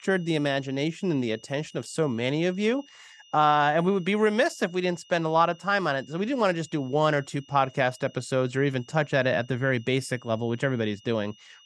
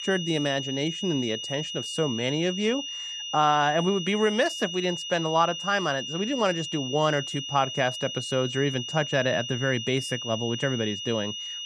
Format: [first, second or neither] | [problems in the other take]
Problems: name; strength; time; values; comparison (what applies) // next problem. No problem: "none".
first | high-pitched whine; loud; throughout; 3 kHz, 6 dB below the speech; faint in the first